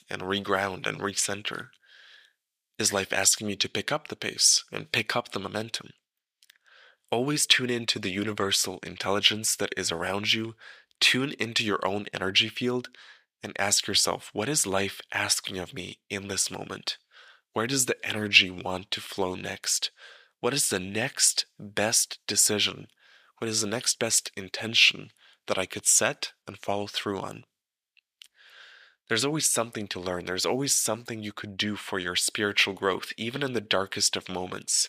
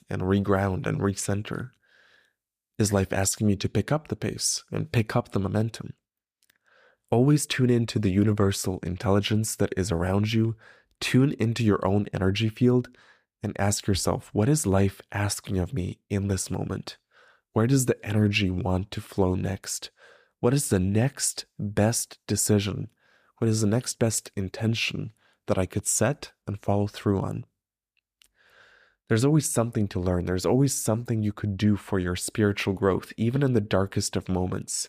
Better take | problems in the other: second | thin; somewhat; fading below 750 Hz

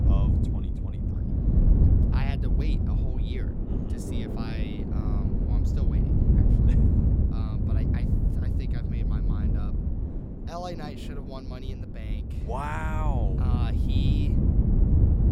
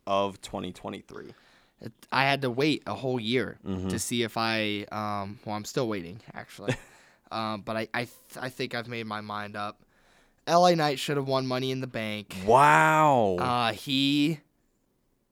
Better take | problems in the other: second | wind noise on the microphone; heavy; 2 dB above the speech

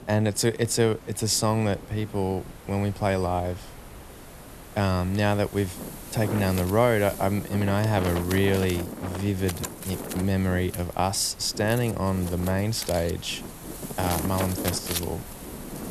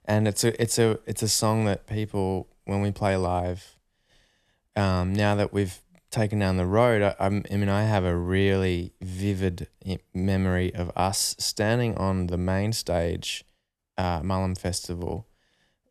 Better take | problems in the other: second | wind noise on the microphone; occasional gusts; 10 dB below the speech

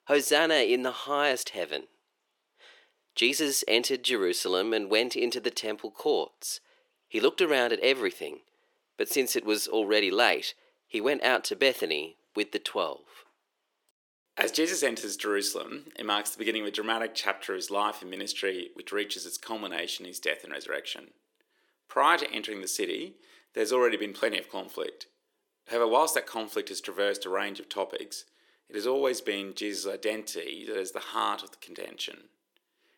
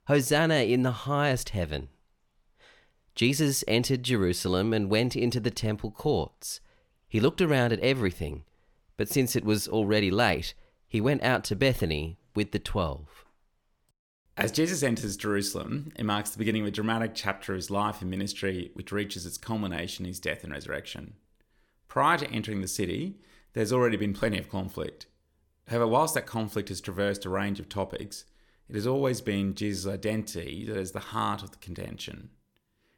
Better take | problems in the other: second | thin; somewhat; fading below 350 Hz

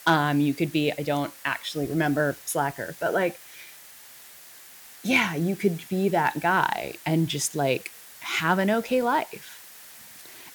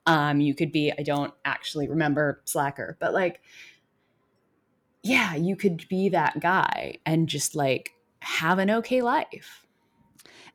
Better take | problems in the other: second | hiss; noticeable; throughout; 20 dB below the speech

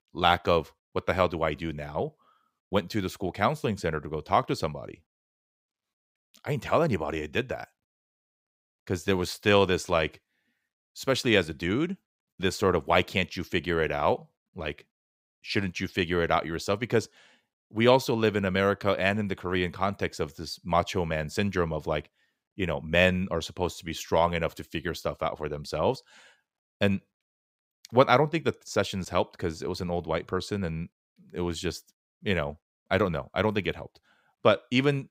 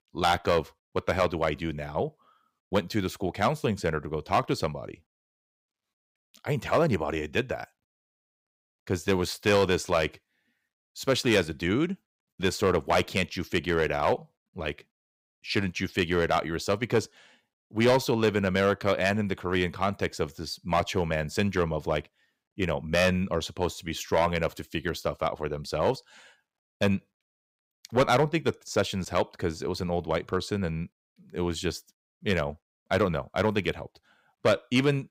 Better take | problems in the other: first | distortion; slight; 1.7% of the sound clipped

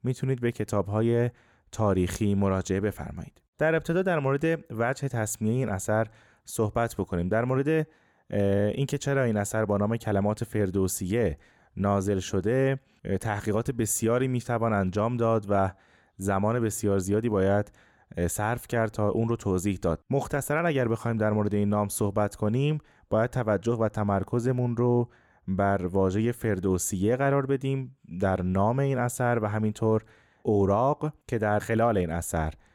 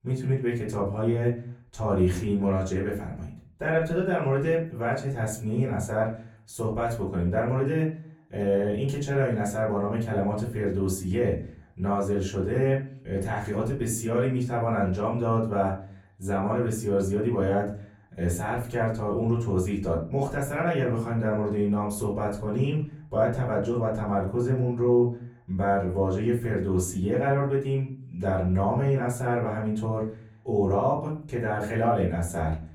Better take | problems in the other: first | off-mic speech; far // room echo; slight; dies away in 0.4 s

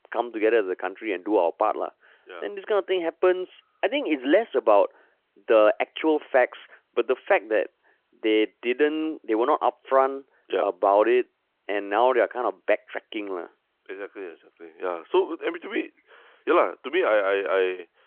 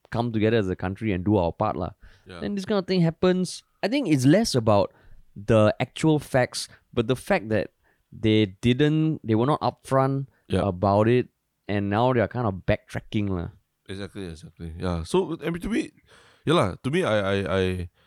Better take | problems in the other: second | phone-call audio

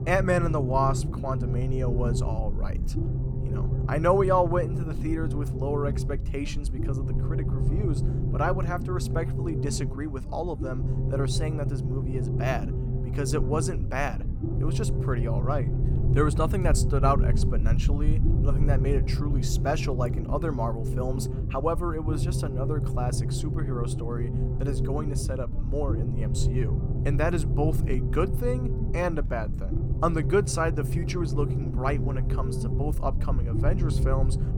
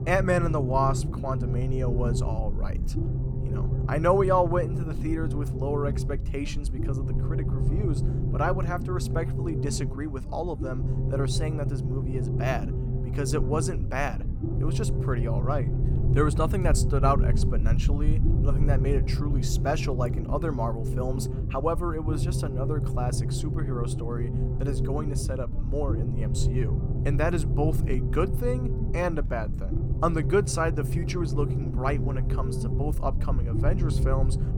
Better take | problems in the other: neither | low rumble; loud; throughout; 8 dB below the speech; the same in both

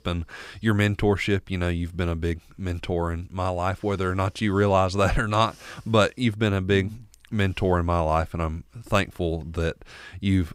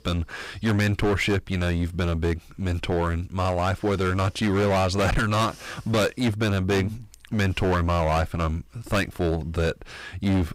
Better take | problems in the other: first | distortion; heavy; 17% of the sound clipped

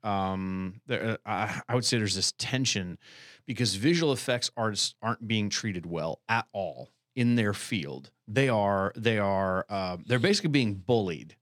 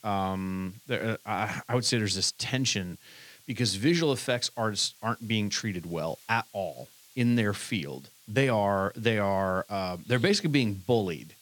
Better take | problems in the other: first | hiss; faint; throughout; 25 dB below the speech

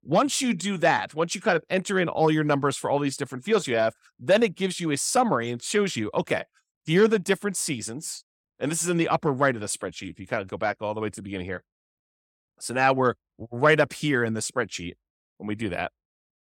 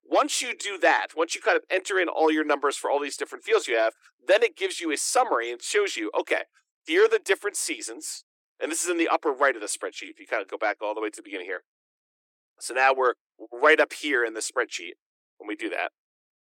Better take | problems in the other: first | thin; very; fading below 300 Hz

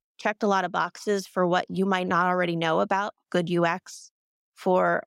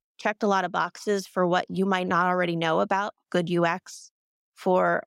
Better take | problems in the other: neither | none

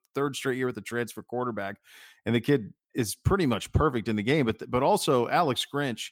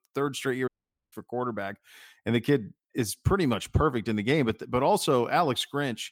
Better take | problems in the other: first | audio cutting out; at 0.5 s

